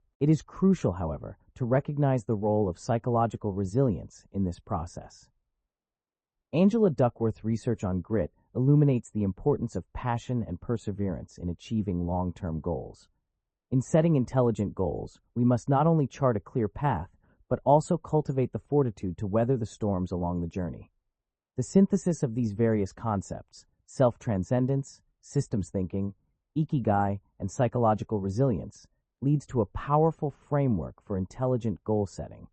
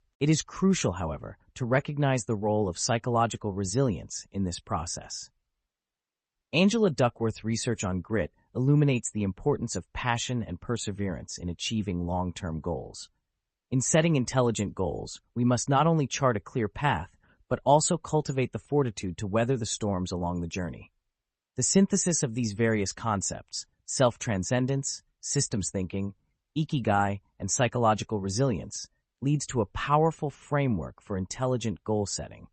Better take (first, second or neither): second